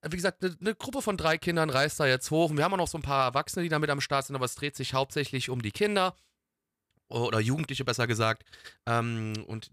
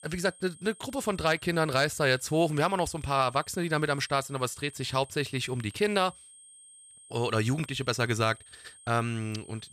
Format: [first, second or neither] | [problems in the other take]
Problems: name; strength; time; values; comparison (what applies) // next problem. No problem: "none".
first | high-pitched whine; faint; throughout; 8.5 kHz, 20 dB below the speech